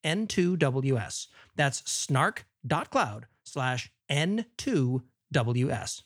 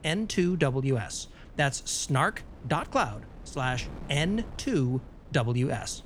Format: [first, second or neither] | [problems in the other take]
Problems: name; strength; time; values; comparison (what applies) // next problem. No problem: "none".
first | wind noise on the microphone; occasional gusts; 20 dB below the speech